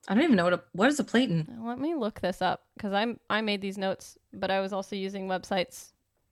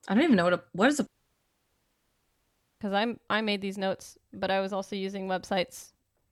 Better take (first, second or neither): first